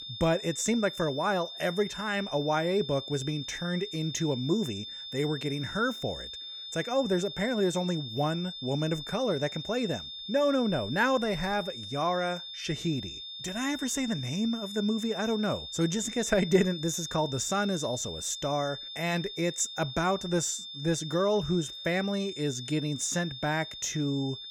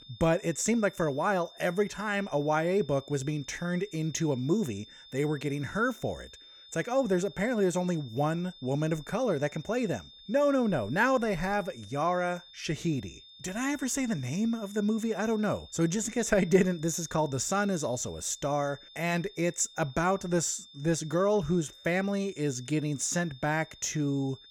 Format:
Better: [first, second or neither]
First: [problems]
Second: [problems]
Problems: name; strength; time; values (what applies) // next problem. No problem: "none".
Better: second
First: high-pitched whine; loud; throughout; 3.5 kHz, 8 dB below the speech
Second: high-pitched whine; faint; throughout; 3.5 kHz, 20 dB below the speech